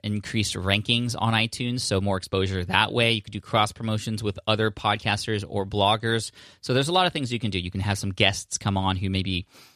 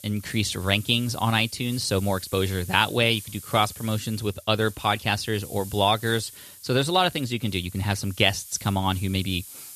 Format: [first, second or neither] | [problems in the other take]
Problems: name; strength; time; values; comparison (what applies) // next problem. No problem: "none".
first | hiss; noticeable; throughout; 15 dB below the speech